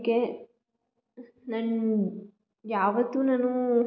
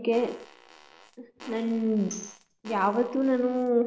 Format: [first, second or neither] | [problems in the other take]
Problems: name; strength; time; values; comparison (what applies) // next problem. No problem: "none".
first | background sound (Fart + Tambourine); 19 dB below the speech